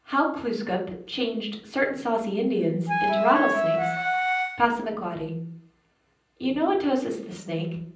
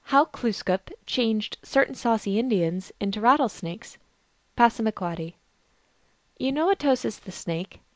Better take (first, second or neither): second